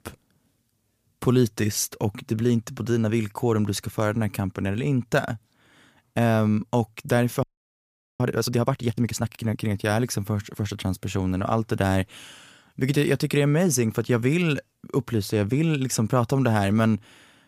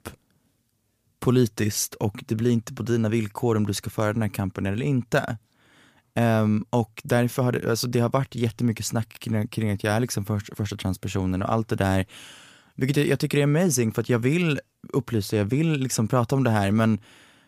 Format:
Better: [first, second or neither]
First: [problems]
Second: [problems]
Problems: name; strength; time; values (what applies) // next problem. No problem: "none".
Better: second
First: audio freezing; at 7.5 s for 1 s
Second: none